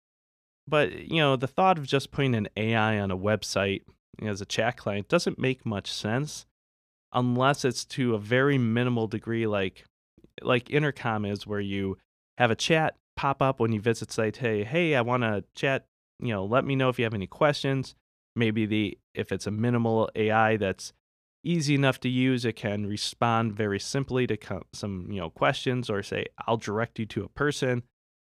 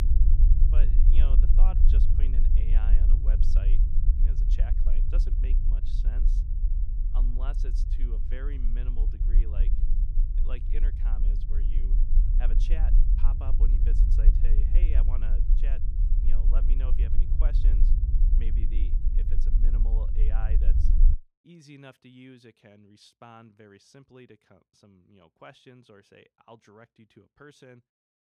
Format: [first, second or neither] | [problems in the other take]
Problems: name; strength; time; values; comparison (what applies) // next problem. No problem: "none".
first | low rumble; loud; until 21 s; 1 dB below the speech